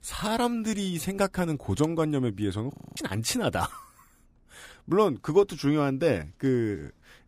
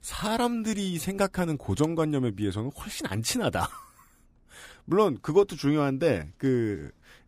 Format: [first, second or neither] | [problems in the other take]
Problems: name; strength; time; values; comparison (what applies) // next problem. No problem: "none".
second | audio freezing; at 2.5 s